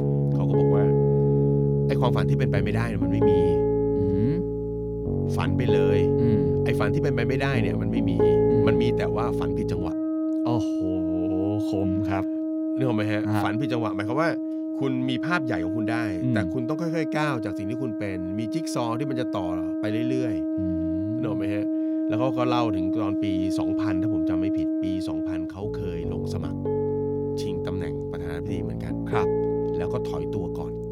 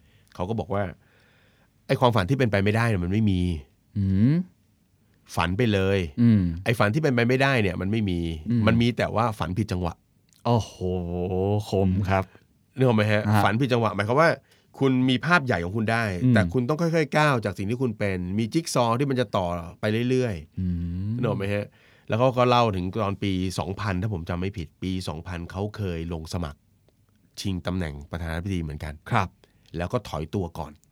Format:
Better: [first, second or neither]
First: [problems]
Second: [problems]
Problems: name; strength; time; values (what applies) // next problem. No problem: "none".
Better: second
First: background music; very loud; throughout; 5 dB above the speech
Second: none